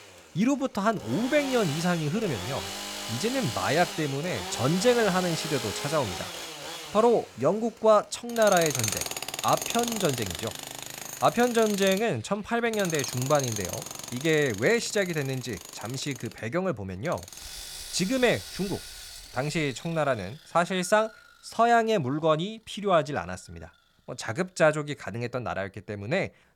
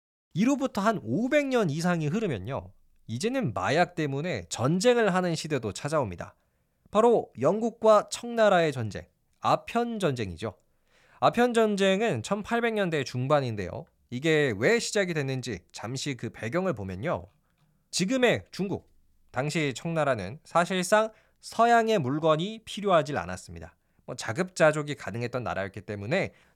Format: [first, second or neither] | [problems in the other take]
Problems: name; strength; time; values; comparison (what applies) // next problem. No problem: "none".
second | machinery noise; loud; throughout; 8 dB below the speech